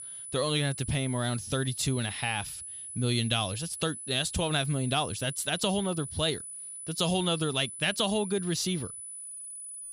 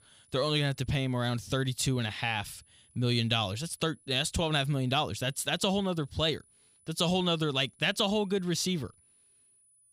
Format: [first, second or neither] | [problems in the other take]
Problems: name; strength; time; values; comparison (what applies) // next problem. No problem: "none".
second | high-pitched whine; loud; throughout; 10 kHz, 9 dB below the speech; faint in the second